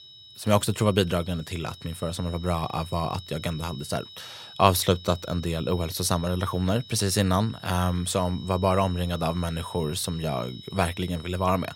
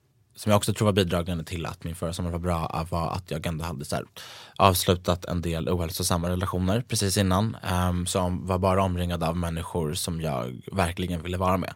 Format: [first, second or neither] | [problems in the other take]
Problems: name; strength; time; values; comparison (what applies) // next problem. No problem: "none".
second | high-pitched whine; noticeable; throughout; 4 kHz, 15 dB below the speech